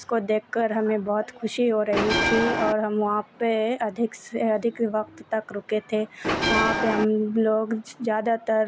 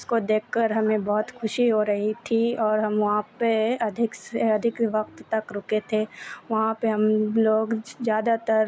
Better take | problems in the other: second | background sound (Bell); 1 dB above the speech

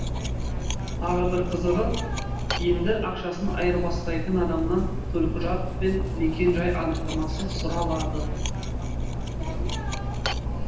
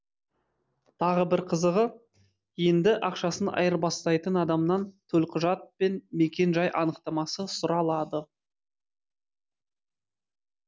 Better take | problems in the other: second | background sound (Cutlery, silverware); as loud as the speech // room echo; dies away in 0.9 s

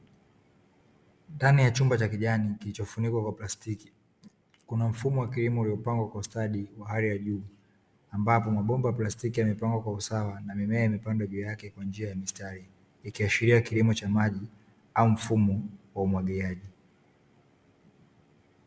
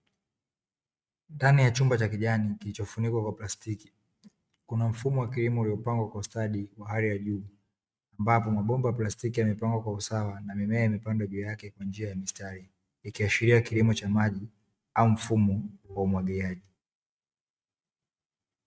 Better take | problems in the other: first | noise reduction (neural mask model RNNoise)

